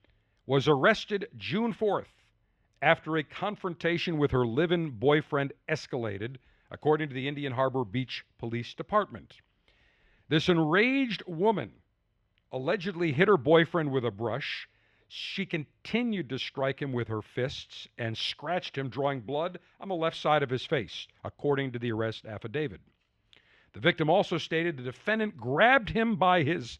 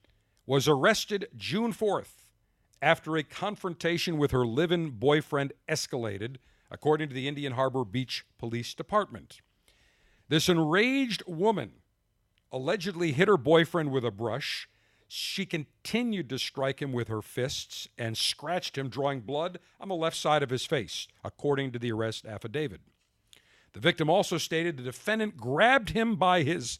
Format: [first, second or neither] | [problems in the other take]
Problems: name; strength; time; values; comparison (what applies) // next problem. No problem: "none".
second | muffled; slightly; fading above 3 kHz